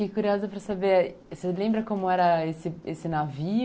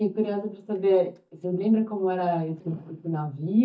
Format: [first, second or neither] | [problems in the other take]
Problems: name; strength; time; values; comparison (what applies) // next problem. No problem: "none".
first | noise reduction (neural mask model DeepFilterNet 3)